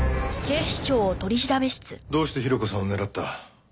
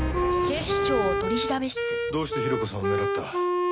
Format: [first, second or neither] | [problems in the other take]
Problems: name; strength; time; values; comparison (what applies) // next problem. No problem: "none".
first | background sound (Wind instrument, woodwind instrument); 3 dB above the speech